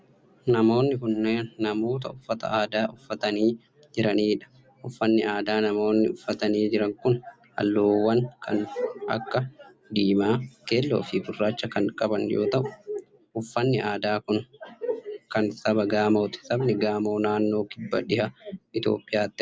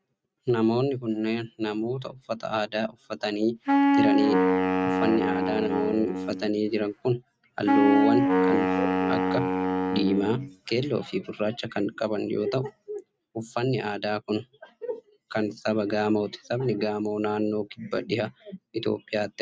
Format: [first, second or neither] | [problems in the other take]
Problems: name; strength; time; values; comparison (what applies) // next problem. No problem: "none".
first | noise reduction (neural mask model RNNoise)